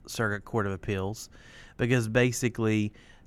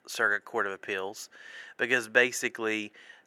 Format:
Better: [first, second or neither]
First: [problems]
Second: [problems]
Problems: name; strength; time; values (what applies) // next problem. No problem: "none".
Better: first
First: none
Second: thin; very; fading below 500 Hz